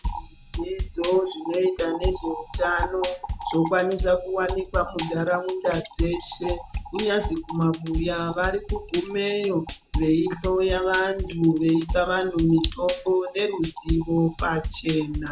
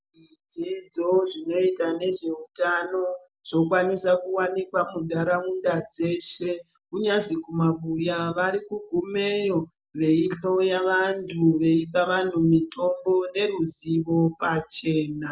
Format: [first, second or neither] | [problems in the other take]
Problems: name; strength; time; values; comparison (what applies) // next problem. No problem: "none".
second | background sound (Drum kit + Trickle, dribble / Splash, splatter); 8 dB below the speech